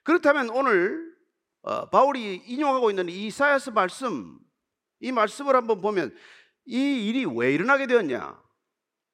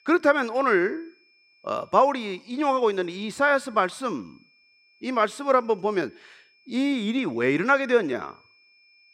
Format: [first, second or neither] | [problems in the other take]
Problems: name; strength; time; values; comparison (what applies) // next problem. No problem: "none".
first | high-pitched whine; faint; throughout; 2.5 kHz, 35 dB below the speech